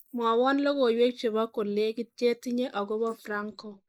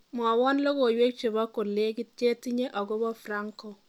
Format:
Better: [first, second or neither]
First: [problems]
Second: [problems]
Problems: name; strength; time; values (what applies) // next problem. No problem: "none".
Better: second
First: noise reduction (neural mask model Resemble Enhance denoiser)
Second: none